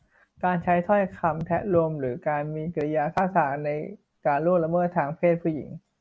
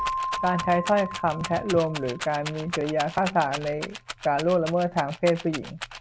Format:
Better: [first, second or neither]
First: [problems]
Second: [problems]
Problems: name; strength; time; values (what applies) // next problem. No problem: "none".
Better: first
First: none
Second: background sound (Keyboard (musical) + Rattle); 9 dB below the speech